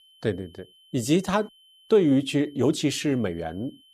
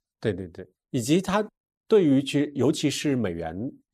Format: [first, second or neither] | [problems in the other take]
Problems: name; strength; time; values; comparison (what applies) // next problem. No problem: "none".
second | high-pitched whine; faint; throughout; 3 kHz, 30 dB below the speech